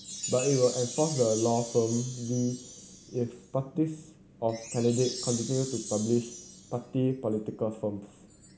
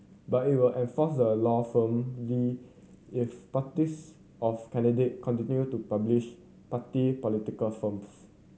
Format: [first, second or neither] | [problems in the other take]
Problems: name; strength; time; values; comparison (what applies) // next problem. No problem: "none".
second | background sound (Chime); 11 dB below the speech